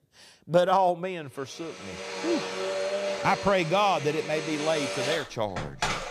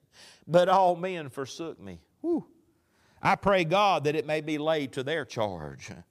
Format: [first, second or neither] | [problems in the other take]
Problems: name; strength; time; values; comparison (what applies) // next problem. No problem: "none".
second | household noises; loud; from 2 s on; 5 dB below the speech